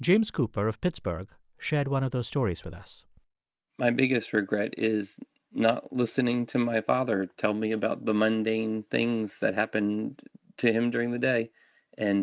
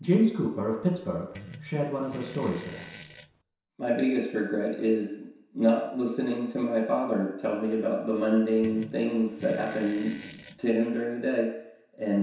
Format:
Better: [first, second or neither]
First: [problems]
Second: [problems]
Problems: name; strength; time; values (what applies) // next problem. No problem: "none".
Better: first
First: none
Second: background sound (Fart); 17 dB below the speech // room echo; dies away in 0.7 s